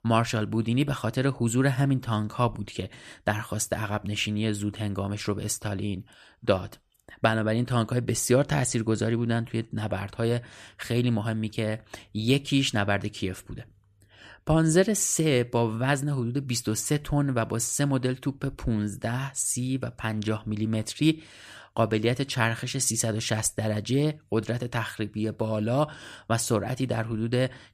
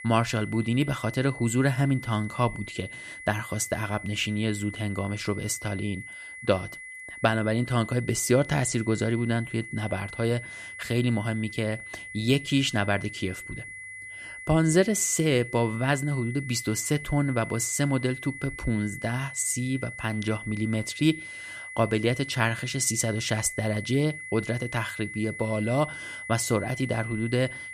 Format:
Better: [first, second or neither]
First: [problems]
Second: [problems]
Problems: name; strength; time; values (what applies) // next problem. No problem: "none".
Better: first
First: none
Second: high-pitched whine; noticeable; throughout; 2 kHz, 10 dB below the speech